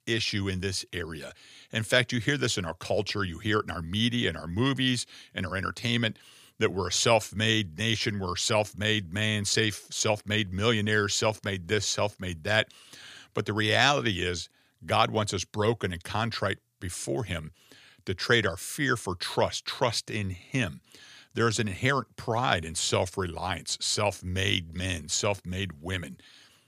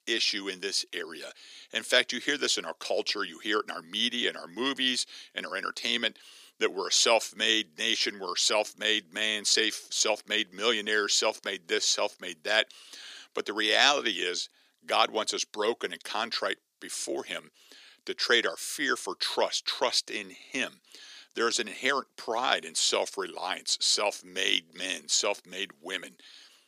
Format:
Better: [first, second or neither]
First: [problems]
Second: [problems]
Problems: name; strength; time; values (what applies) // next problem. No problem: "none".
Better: first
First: none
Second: thin; somewhat; fading below 300 Hz